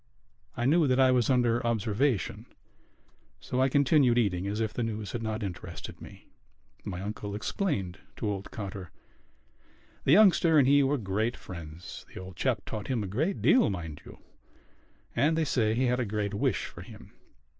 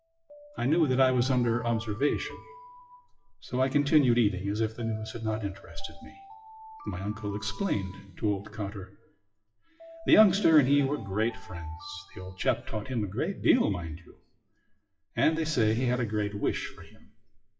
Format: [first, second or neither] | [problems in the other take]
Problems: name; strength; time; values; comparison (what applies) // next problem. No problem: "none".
first | noise reduction (classical method WPE with log-MMSE)